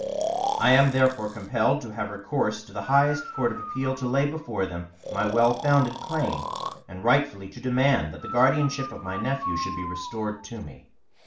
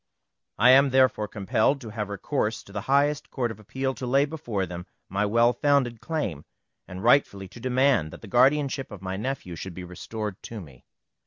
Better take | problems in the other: second | background sound (Breathing); 9 dB below the speech // room echo; dies away in 0.4 s

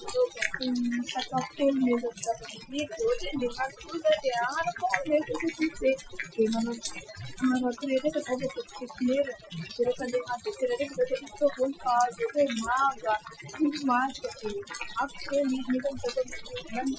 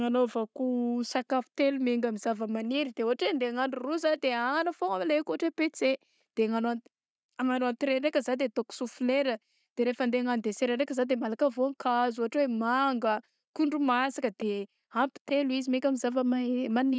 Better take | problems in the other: second | noise reduction (classical method Wiener filter)

